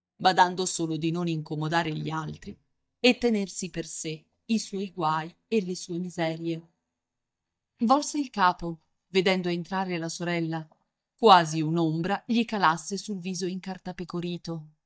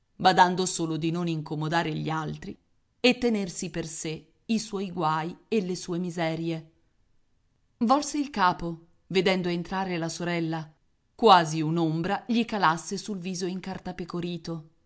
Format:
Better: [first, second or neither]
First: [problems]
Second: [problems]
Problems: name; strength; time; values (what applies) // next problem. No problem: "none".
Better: second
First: noise reduction (neural mask model DeepFilterNet 3)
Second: none